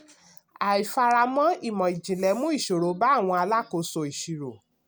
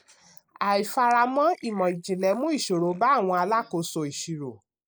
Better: first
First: none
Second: noise reduction (neural mask model Resemble Enhance denoiser)

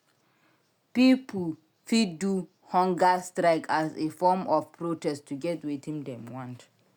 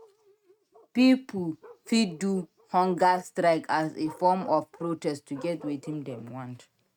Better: first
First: none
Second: noise reduction (neural mask model RNNoise)

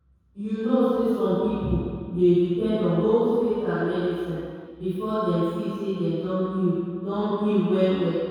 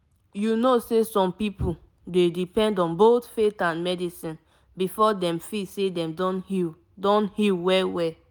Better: second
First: room echo; dies away in 2 s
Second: none

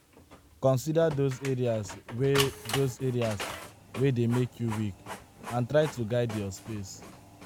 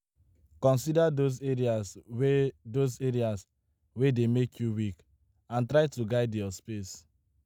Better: second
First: background sound (Printer); 11 dB below the speech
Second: none

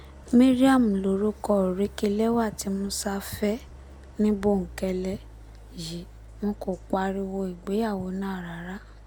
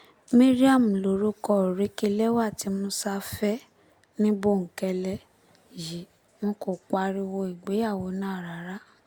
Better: second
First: background sound (Idling); 19 dB below the speech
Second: none

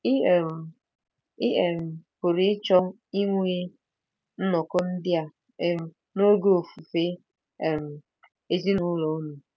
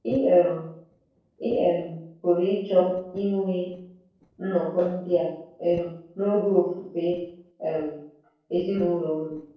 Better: first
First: none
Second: noise reduction (neural separator model SepFormer DNS4)

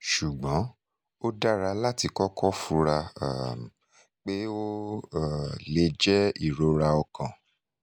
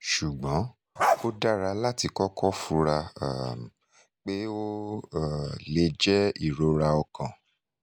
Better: first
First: none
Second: background sound (Bark); 1 dB below the speech

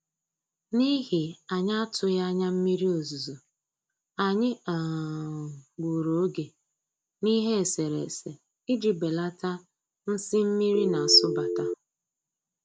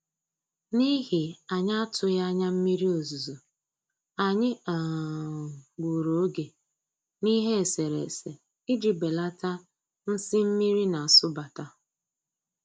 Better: second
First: background sound (Telephone); as loud as the speech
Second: none

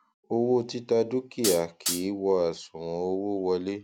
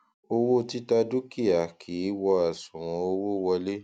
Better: second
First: background sound (Hi-hat); 4 dB below the speech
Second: none

